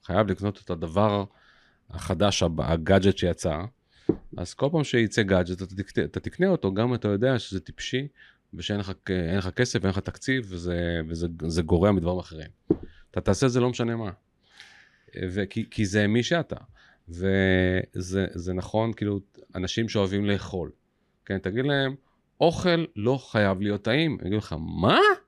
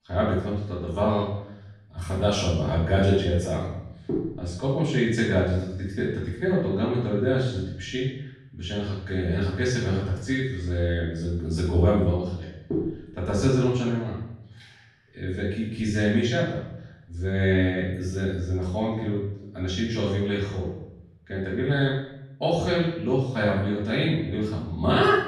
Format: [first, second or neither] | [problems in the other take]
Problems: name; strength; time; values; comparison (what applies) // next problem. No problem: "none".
first | room echo; noticeable; dies away in 0.7 s // off-mic speech; far